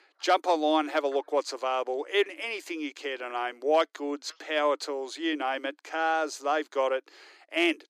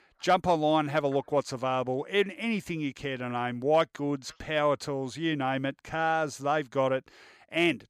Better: second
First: thin; somewhat; fading below 300 Hz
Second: none

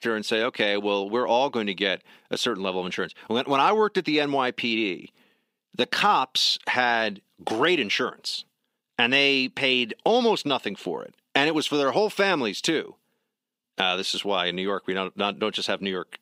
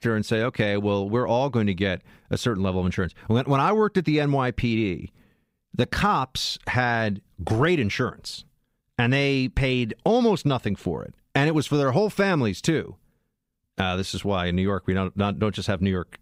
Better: second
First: thin; somewhat; fading below 250 Hz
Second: none

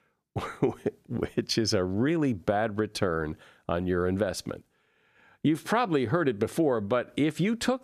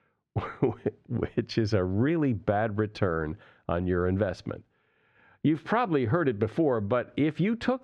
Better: first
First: none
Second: muffled; slightly; fading above 3 kHz

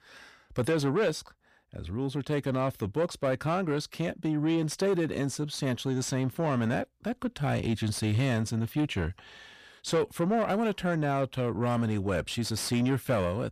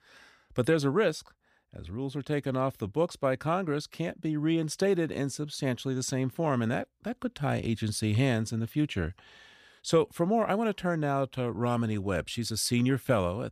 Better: second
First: distortion; slight; 10 dB below the speech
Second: none

